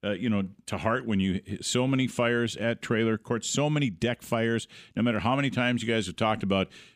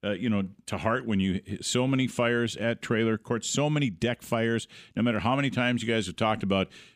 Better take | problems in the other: neither | none

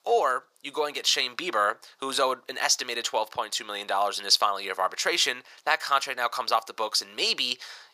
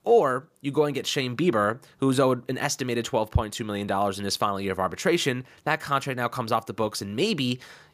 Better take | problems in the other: second | thin; very; fading below 800 Hz

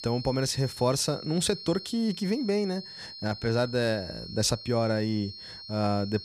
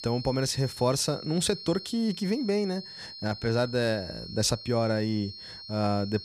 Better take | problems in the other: neither | high-pitched whine; noticeable; throughout; 4.5 kHz, 10 dB below the speech; the same in both

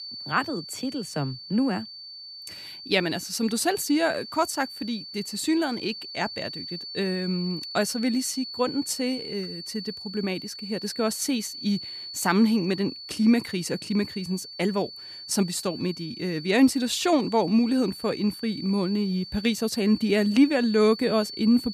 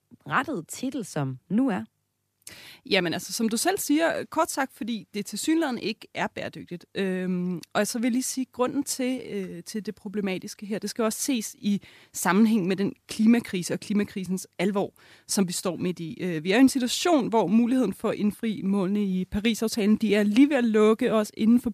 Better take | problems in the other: second | high-pitched whine; noticeable; throughout; 4.5 kHz, 10 dB below the speech

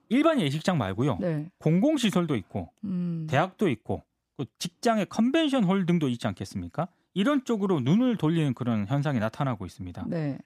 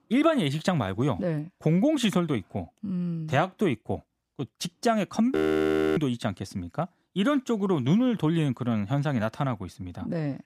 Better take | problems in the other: first | audio freezing; at 5.5 s for 0.5 s

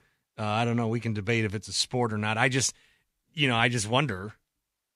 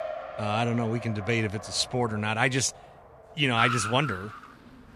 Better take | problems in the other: first | traffic noise; loud; throughout; 9 dB below the speech

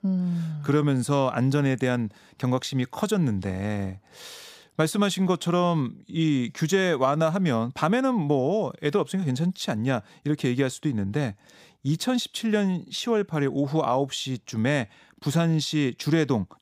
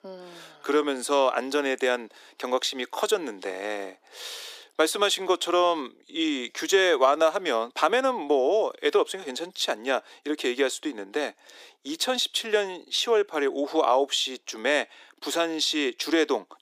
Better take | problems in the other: first | thin; very; fading below 350 Hz

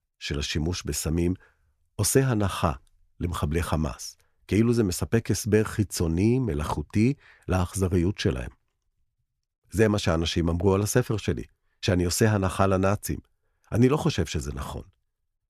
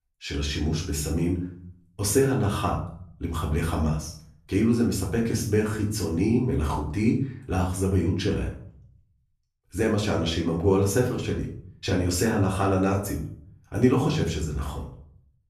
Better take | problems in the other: first | off-mic speech; far // room echo; slight; dies away in 0.4 s

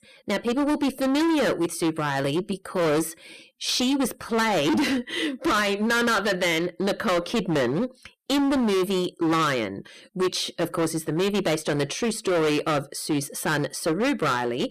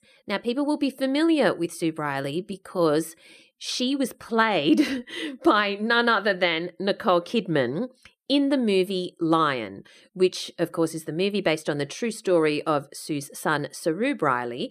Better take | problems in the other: second | distortion; heavy; 22% of the sound clipped

